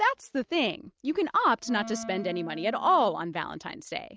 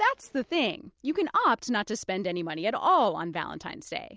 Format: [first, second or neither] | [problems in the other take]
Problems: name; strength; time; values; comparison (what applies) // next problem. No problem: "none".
second | noise reduction (neural mask model RNNoise)